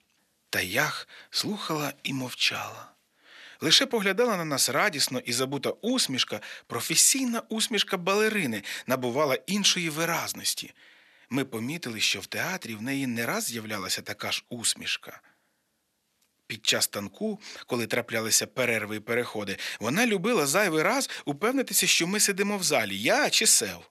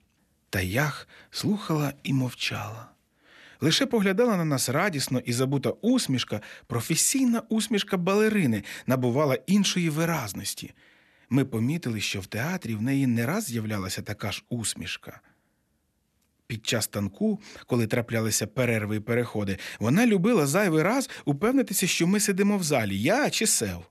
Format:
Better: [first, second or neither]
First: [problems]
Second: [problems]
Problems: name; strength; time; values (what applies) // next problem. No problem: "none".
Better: second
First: thin; very slightly; fading below 1 kHz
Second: none